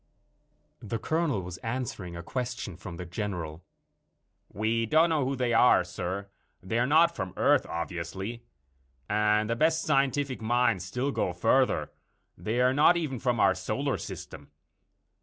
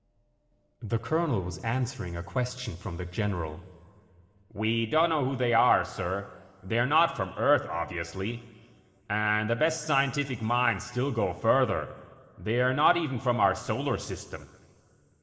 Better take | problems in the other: first | room echo; dies away in 2.1 s

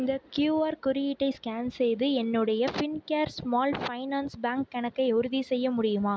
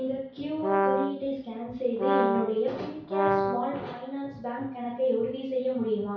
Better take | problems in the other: first | background sound (Brass instrument); 3 dB above the speech // room echo; dies away in 0.6 s

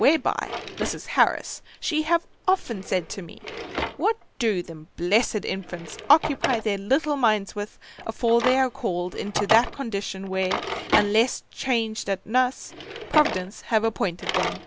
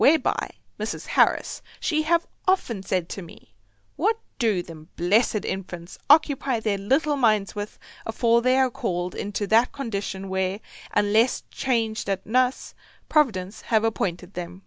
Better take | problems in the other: second | background sound (Drawer open or close); 8 dB below the speech

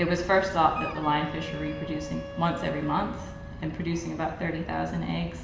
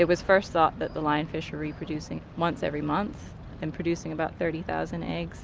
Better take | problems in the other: second | background sound (Wind instrument, woodwind instrument); 12 dB below the speech // room echo; dies away in 1.1 s

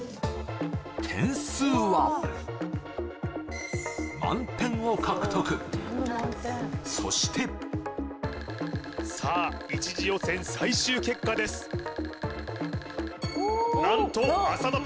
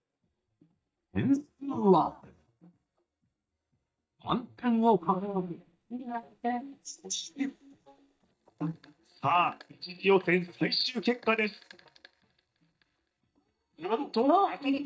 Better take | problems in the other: first | noise reduction (neural mask model DeepFilterNet 3)

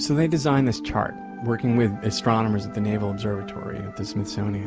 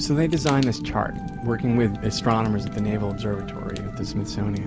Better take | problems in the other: first | background sound (Fire); 10 dB below the speech

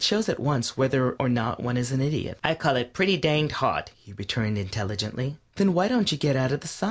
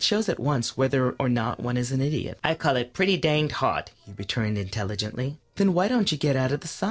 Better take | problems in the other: first | noise reduction (neural separator model SepFormer DNS4)

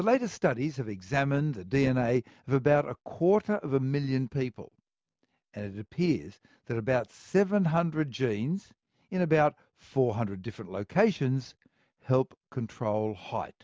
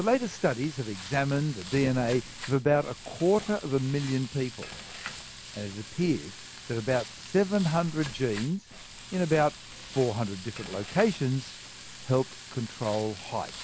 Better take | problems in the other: first | background sound (Frying (food)); 14 dB below the speech

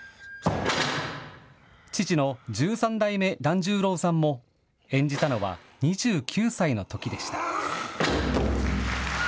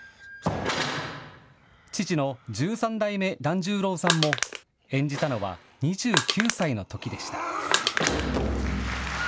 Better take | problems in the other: first | background sound (Crushing); 1 dB above the speech

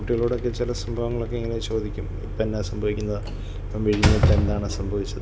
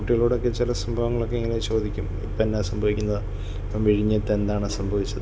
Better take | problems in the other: second | background sound (Slam); 2 dB below the speech

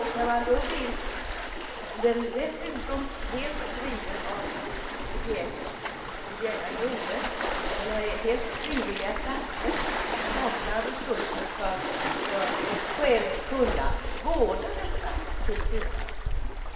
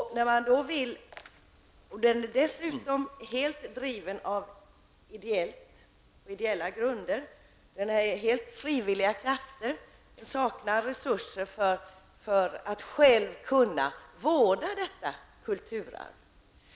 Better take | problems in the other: second | background sound (Waves, surf); 1 dB above the speech // room echo; dies away in 2.1 s

